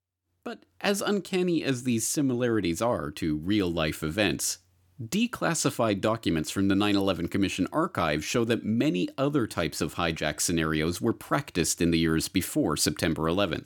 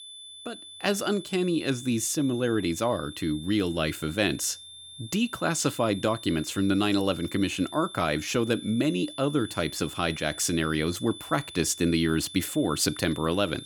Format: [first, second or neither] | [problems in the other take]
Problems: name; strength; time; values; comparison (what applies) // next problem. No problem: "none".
first | high-pitched whine; noticeable; throughout; 3.5 kHz, 15 dB below the speech